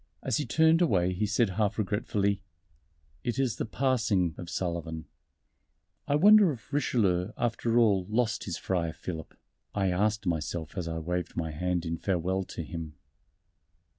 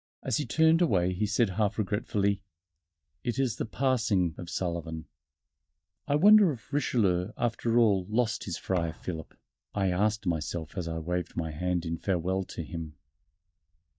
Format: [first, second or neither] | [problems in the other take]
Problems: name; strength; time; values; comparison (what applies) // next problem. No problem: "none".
first | noise reduction (neural mask model DeepFilterNet 3)